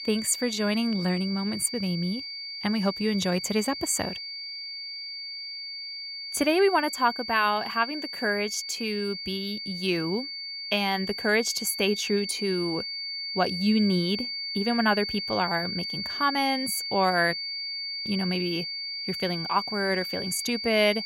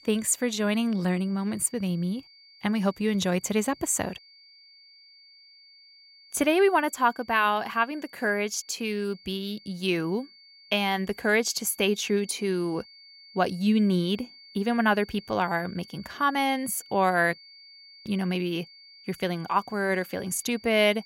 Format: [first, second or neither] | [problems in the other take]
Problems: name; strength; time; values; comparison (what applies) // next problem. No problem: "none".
second | high-pitched whine; loud; throughout; 4.5 kHz, 5 dB below the speech; faint in the second